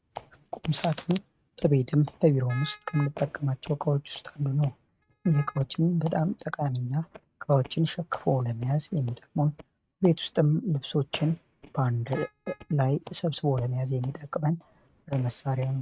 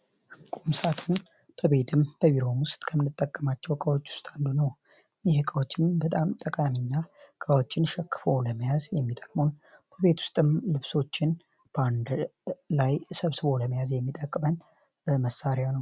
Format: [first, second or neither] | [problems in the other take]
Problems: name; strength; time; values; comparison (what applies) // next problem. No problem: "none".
second | noise reduction (neural mask model RNNoise)